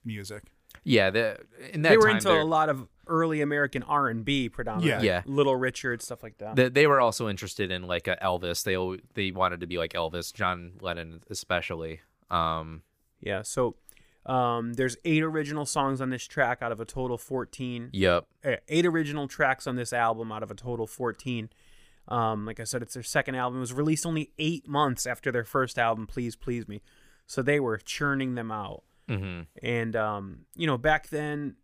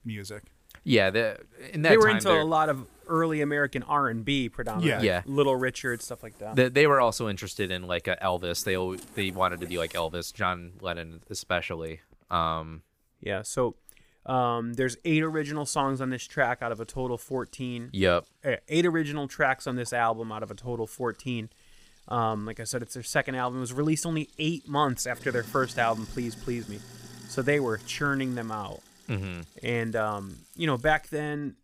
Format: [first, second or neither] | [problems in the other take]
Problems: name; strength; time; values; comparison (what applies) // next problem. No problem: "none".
first | household noises; faint; throughout; 25 dB below the speech